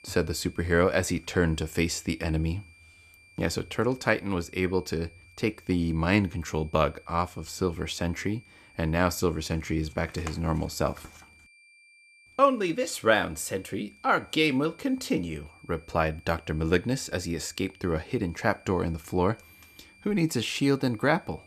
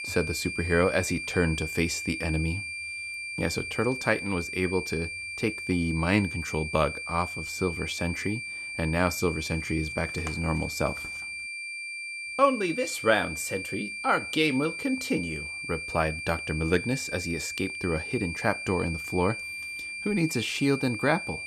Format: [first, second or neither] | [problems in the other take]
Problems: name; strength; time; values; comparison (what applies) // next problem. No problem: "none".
first | high-pitched whine; loud; throughout; 2.5 kHz, 5 dB below the speech; faint in the first